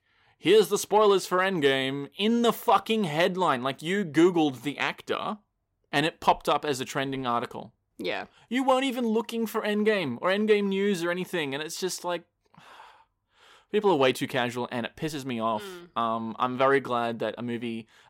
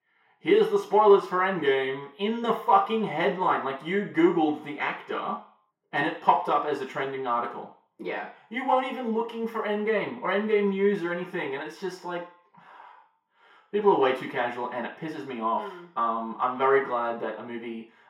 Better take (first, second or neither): first